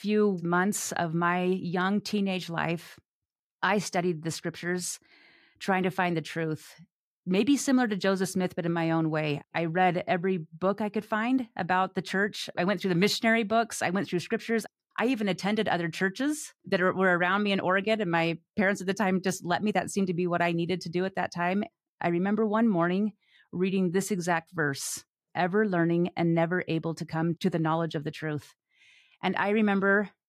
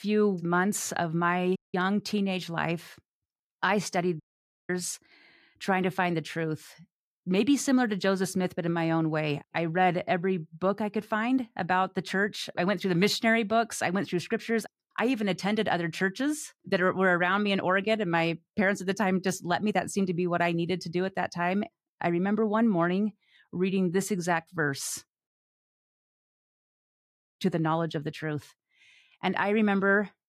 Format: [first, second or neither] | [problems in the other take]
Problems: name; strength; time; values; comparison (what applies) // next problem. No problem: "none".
first | audio cutting out; at 1.5 s, at 4 s and at 25 s for 2 s